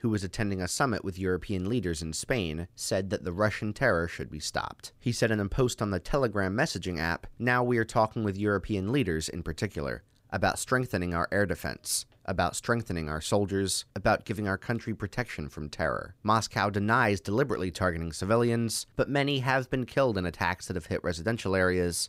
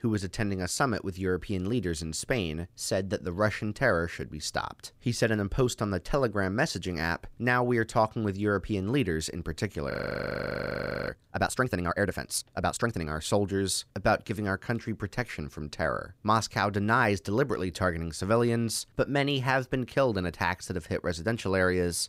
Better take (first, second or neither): first